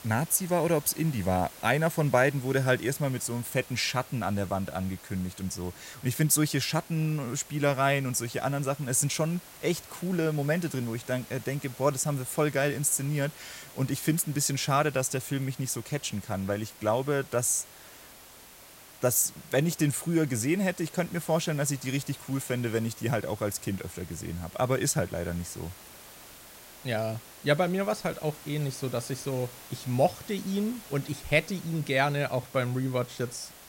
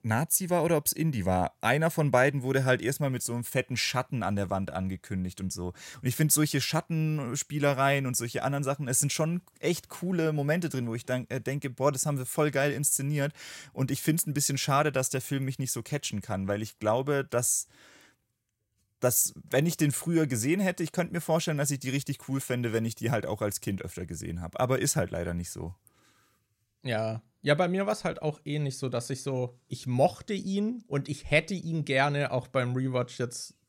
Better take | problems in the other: second | hiss; noticeable; throughout; 20 dB below the speech

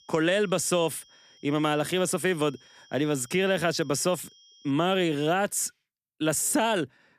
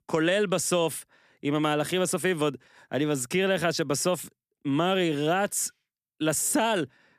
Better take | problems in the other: second | high-pitched whine; faint; until 4.5 s; 3 kHz, 30 dB below the speech

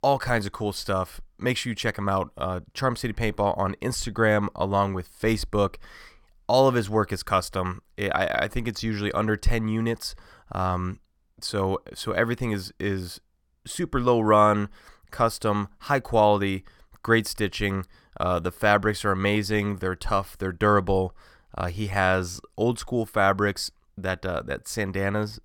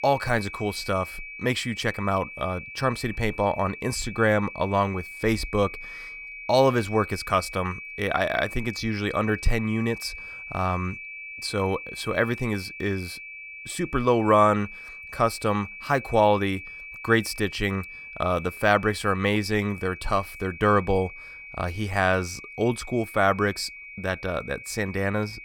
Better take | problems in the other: first | high-pitched whine; noticeable; throughout; 2.5 kHz, 10 dB below the speech

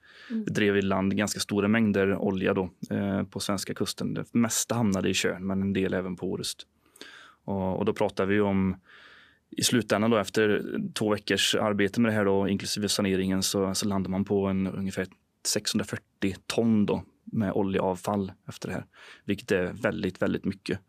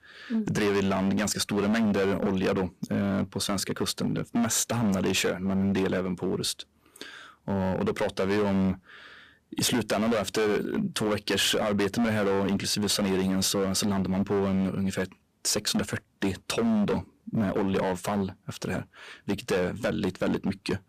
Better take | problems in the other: first | distortion; heavy; 15% of the sound clipped

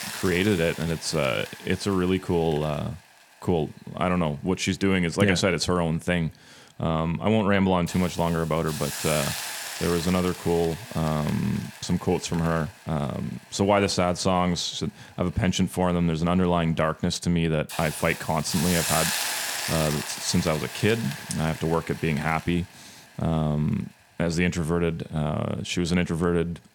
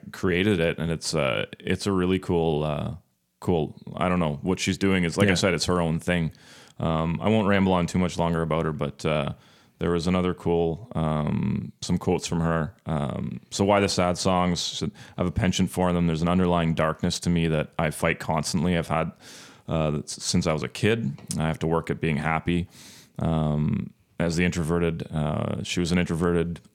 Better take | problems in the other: second | hiss; loud; throughout; 7 dB below the speech

